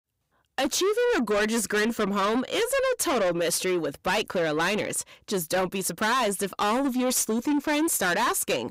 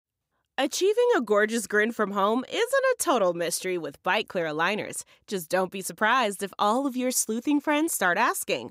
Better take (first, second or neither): second